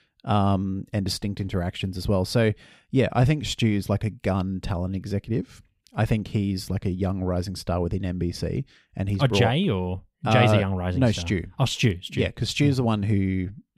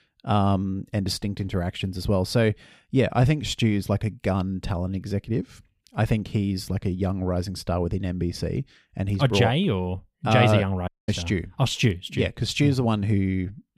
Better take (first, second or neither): first